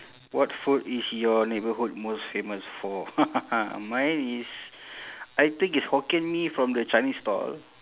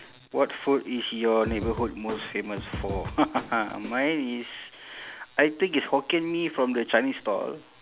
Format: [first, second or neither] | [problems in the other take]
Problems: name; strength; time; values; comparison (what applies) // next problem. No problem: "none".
first | background sound (Snare drum / Drum kit); 10 dB below the speech